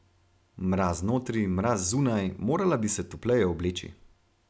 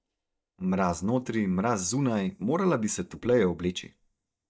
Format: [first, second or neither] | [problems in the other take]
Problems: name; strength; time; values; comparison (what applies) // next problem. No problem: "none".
first | noise reduction (neural mask model DeepFilterNet 3)